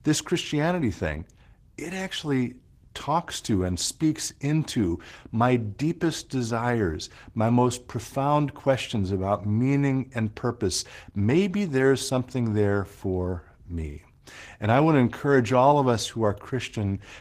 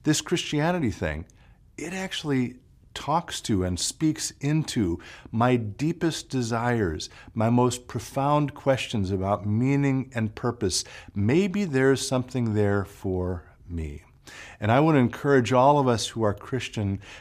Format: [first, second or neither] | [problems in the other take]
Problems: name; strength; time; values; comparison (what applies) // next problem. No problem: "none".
second | garbled, watery; slightly; nothing above 15 kHz